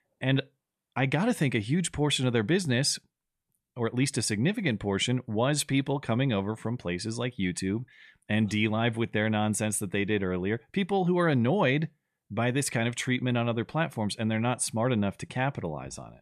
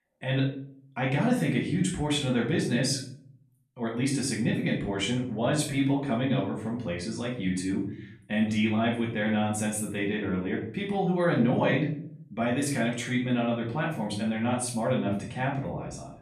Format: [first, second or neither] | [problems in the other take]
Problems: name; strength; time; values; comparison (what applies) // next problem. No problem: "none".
first | off-mic speech; far // room echo; slight; dies away in 0.5 s